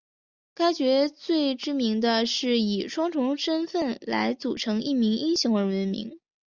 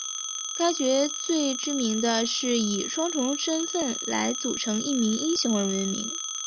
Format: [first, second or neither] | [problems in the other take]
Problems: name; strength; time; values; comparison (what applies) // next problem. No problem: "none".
first | background sound (Telephone); 6 dB below the speech